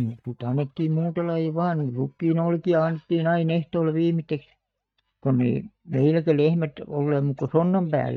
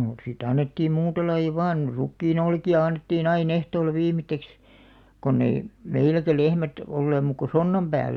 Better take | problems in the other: second | noise reduction (neural mask model DeepFilterNet 3)

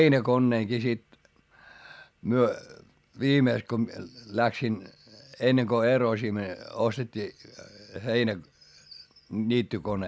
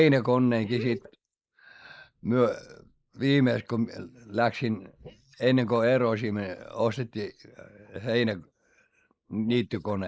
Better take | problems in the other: first | noise reduction (neural mask model Resemble Enhance denoiser)

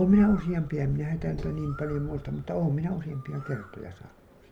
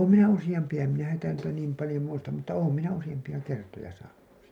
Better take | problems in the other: second | background sound (Bird); 14 dB below the speech

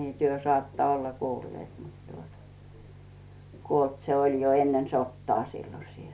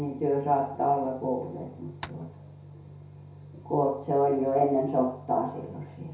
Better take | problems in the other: first | background sound (Tap); 16 dB below the speech // room echo; dies away in 0.6 s

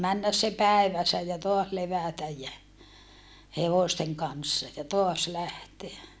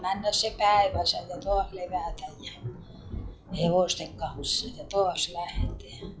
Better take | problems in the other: first | noise reduction (classical method log-MMSE)

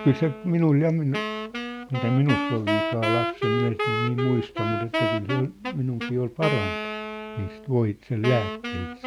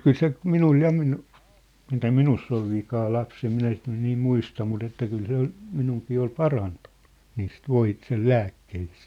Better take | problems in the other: second | background sound (Wind instrument, woodwind instrument); 4 dB below the speech

